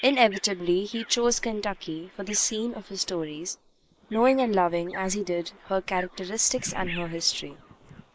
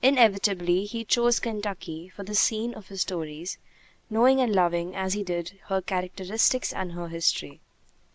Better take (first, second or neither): second